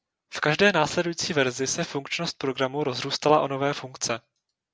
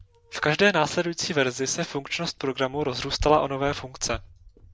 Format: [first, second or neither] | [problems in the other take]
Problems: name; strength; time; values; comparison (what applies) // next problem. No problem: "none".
first | background sound (Bicycle); 16 dB below the speech